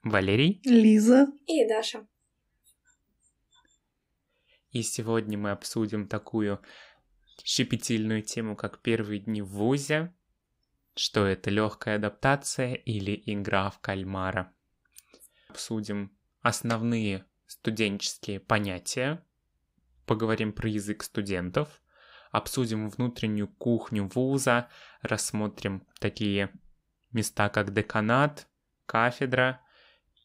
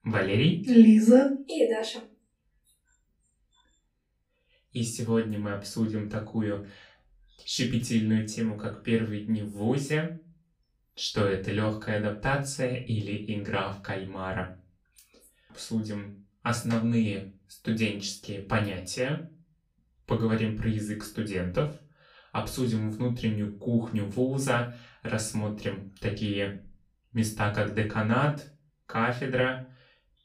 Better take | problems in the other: first | off-mic speech; far // room echo; slight; dies away in 0.3 s

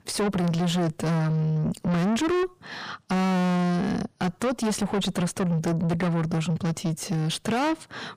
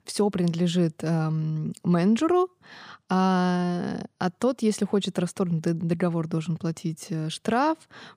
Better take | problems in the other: second | distortion; heavy; 5 dB below the speech

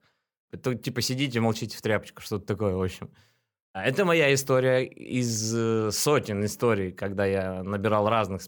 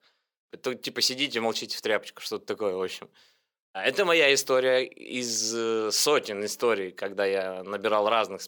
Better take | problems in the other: first | thin; somewhat; fading below 400 Hz

